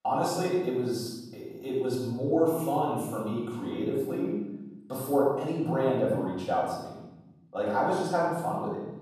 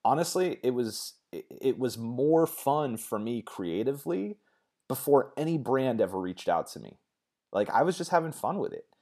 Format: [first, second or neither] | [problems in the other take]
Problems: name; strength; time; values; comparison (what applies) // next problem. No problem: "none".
second | off-mic speech; far // room echo; strong; dies away in 1.1 s